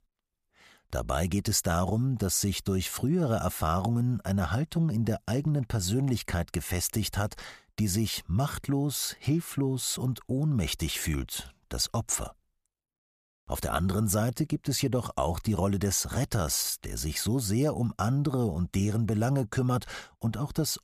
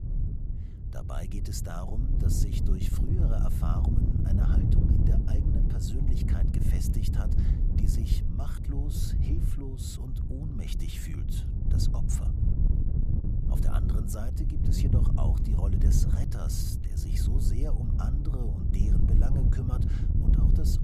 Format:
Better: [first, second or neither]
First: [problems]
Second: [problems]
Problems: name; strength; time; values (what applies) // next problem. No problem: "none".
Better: first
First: none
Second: wind noise on the microphone; heavy; 1 dB above the speech